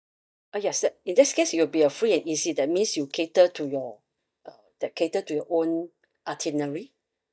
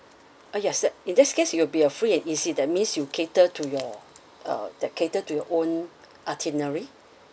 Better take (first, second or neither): second